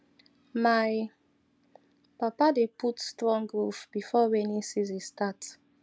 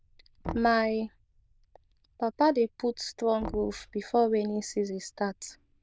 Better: first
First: none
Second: noise reduction (neural diffusion model UNIVERSE++)

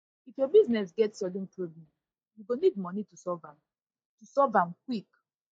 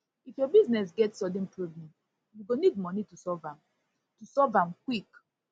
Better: second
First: noise reduction (neural mask model DeepFilterNet 3)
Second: none

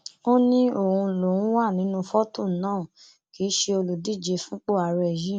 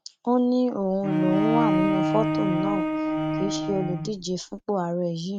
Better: first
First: none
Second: noise reduction (neural mask model RNNoise)

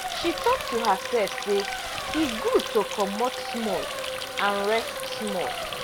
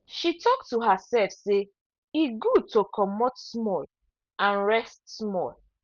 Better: second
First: background sound (Race car, auto racing + Water tap, faucet); 4 dB below the speech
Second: none

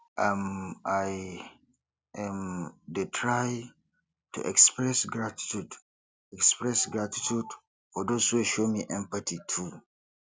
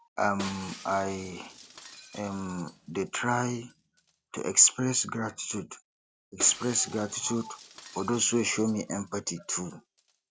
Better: first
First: none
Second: background sound (Shatter); 18 dB below the speech

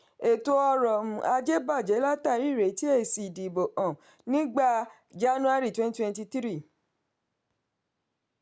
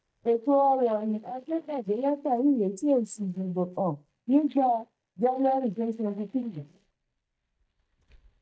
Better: first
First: none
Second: noise reduction (neural mask model DeepFilterNet 3)

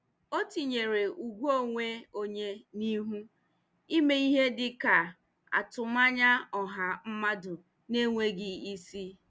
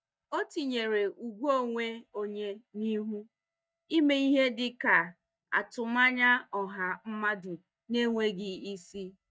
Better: first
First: none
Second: noise reduction (neural mask model DeepFilterNet 3)

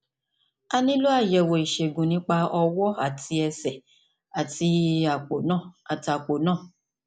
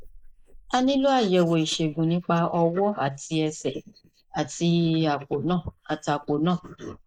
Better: first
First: none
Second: noise reduction (neural mask model Resemble Enhance denoiser)

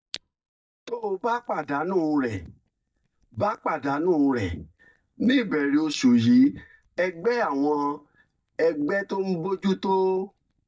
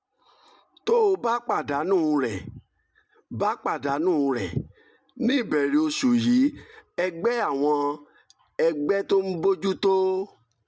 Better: second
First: noise reduction (neural mask model DeepFilterNet 3)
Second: none

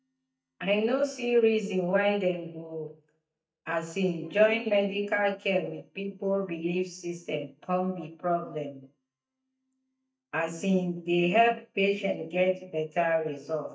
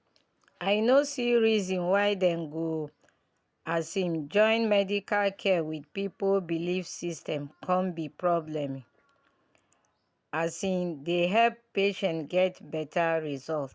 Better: second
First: noise reduction (neural mask model DeepFilterNet 3)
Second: none

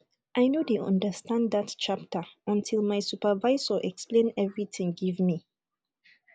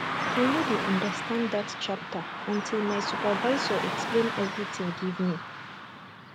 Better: first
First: none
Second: background sound (Car passing by / Traffic noise, roadway noise); 2 dB below the speech

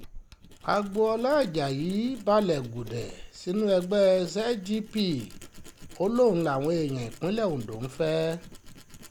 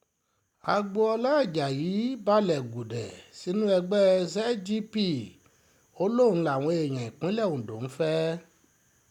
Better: second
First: background sound (Tools); 18 dB below the speech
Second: none

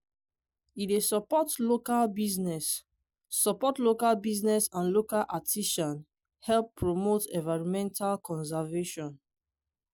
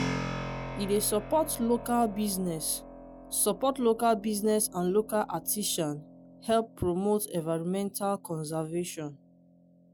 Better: first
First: none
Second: background sound (Keyboard (musical)); 12 dB below the speech

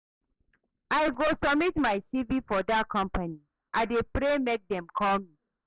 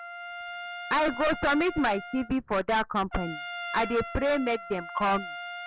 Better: first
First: none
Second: background sound (Trumpet); 11 dB below the speech

